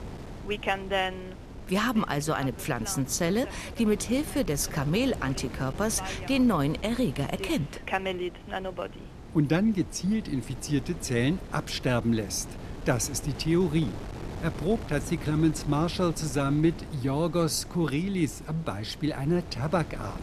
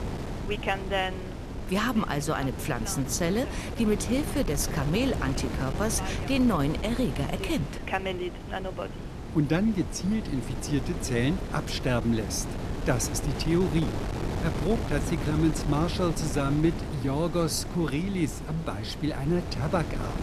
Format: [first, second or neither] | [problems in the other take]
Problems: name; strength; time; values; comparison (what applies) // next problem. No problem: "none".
first | wind noise on the microphone; heavy; 8 dB below the speech; occasional gusts in the first